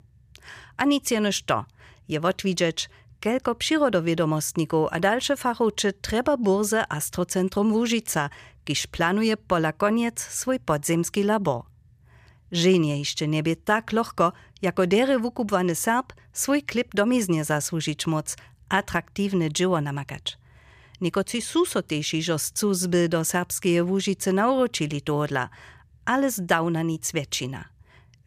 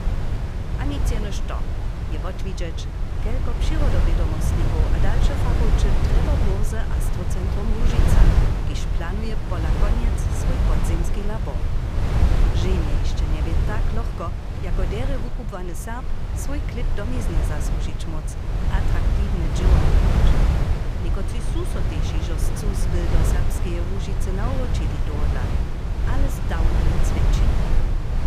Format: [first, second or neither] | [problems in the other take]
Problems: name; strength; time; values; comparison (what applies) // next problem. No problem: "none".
first | wind noise on the microphone; heavy; 2 dB above the speech